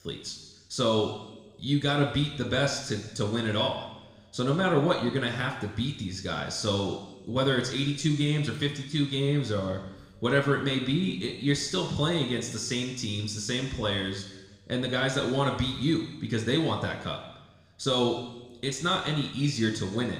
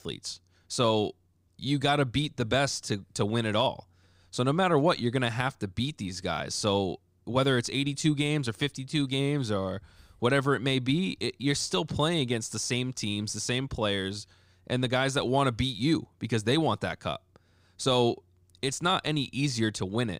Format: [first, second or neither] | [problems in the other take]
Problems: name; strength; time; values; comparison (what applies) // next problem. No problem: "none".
second | room echo; noticeable; dies away in 1.1 s // off-mic speech; somewhat distant